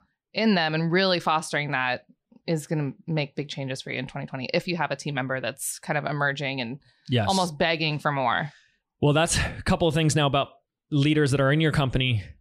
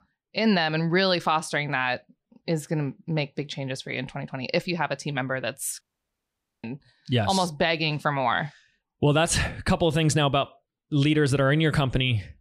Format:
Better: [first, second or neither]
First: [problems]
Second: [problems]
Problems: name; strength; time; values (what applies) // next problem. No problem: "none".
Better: first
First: none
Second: audio cutting out; at 6 s for 1 s